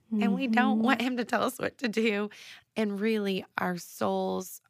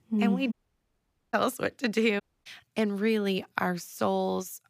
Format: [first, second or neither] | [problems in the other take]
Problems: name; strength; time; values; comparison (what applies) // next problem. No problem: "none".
first | audio cutting out; at 0.5 s for 1 s and at 2 s